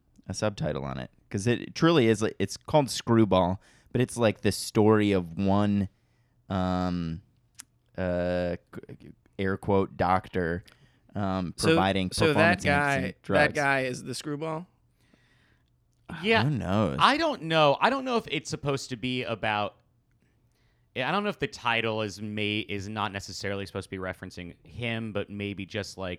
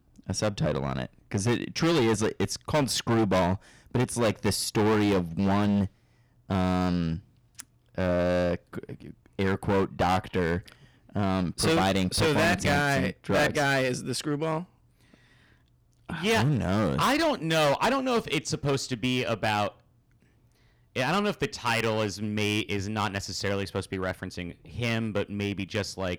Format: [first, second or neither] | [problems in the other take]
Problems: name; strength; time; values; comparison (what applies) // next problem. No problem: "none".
first | distortion; heavy; 11% of the sound clipped